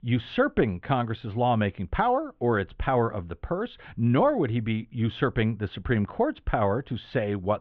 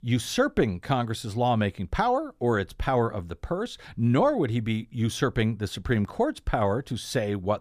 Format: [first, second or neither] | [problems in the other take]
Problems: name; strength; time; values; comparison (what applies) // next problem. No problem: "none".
second | muffled; very; fading above 3 kHz